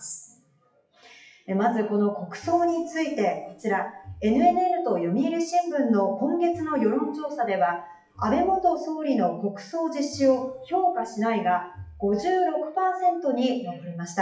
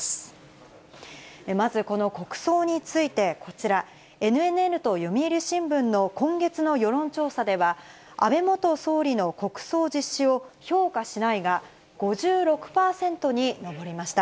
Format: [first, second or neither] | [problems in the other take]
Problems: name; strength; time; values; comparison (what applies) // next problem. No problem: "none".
second | noise reduction (classical method WPE with log-MMSE)